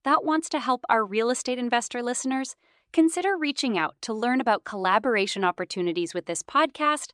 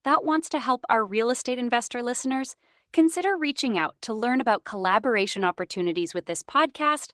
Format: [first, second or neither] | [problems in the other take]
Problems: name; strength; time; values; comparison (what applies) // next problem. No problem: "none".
first | garbled, watery; slightly